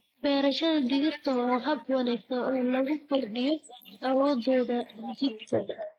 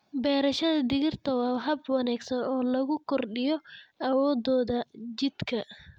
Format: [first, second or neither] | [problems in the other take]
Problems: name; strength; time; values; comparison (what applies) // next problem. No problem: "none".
second | noise reduction (neural mask model Resemble Enhance denoiser)